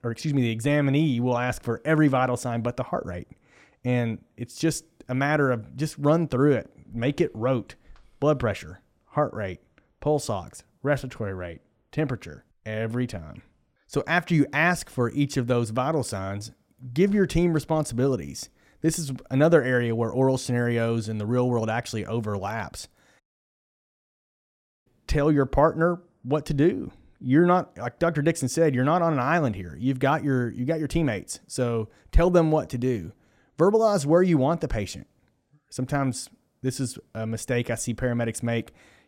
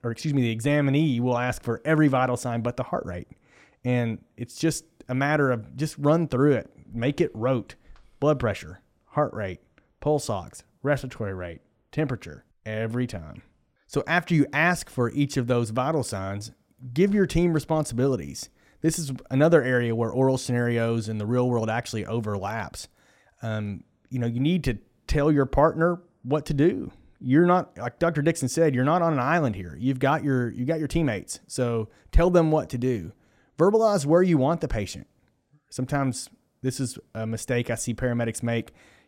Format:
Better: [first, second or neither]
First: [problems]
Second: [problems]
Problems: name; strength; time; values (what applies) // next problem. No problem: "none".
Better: second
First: audio cutting out; at 23 s for 1.5 s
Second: none